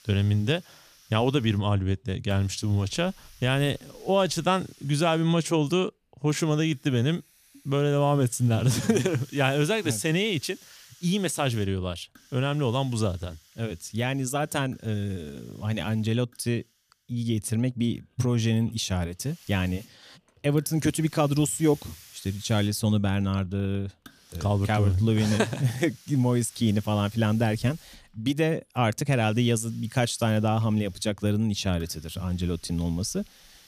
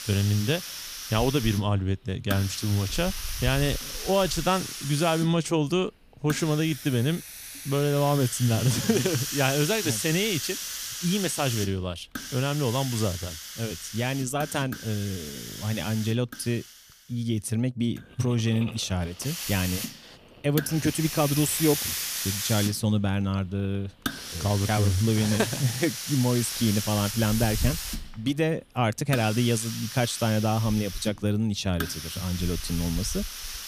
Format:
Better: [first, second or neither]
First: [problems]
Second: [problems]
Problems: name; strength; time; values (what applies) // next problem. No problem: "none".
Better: first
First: hiss; faint; throughout; 25 dB below the speech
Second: hiss; loud; throughout; 6 dB below the speech